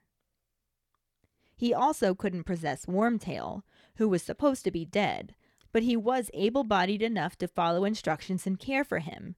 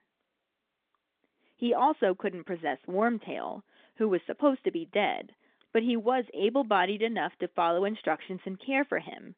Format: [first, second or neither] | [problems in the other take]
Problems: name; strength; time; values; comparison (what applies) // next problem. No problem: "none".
first | phone-call audio; nothing above 3 kHz